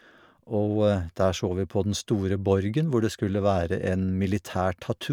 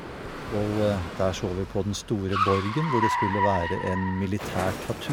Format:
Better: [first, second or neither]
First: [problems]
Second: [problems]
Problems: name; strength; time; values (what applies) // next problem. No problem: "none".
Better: first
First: none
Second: background sound (Car); 3 dB below the speech